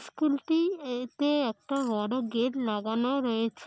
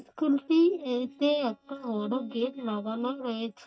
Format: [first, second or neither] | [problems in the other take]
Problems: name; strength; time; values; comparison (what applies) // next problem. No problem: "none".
first | noise reduction (neural mask model DeepFilterNet 3)